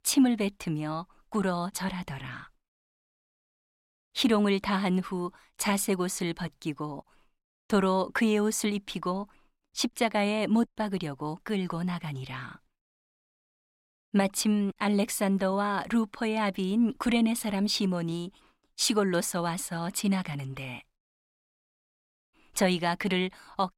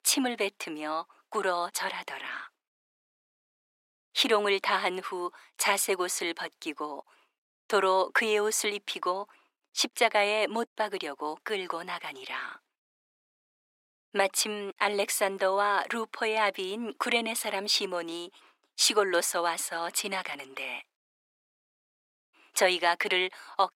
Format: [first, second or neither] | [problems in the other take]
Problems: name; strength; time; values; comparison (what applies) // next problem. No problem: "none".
first | thin; very; fading below 350 Hz